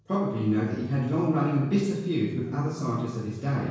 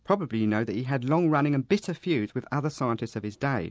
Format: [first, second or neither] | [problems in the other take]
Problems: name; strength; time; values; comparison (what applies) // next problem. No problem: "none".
second | room echo; dies away in 1 s